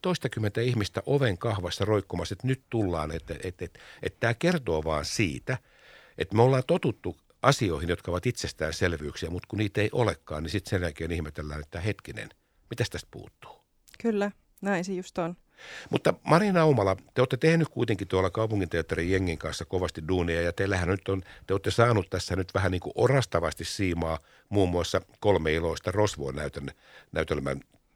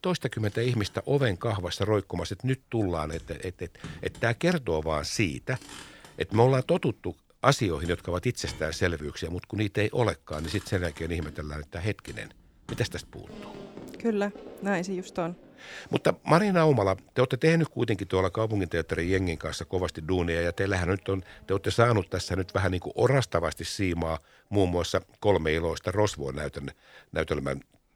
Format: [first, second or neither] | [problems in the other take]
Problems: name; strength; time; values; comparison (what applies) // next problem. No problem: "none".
first | traffic noise; faint; throughout; 20 dB below the speech